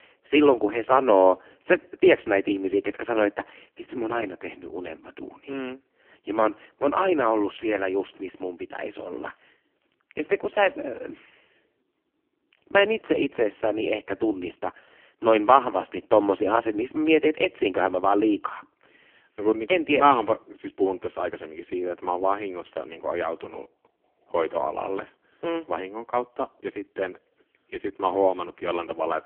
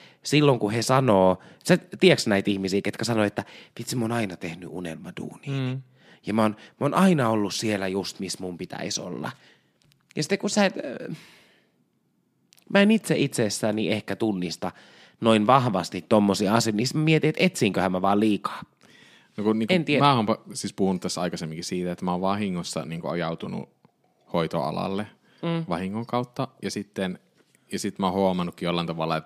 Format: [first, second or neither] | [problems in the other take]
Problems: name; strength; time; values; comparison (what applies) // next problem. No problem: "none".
second | phone-call audio; poor line; nothing above 3 kHz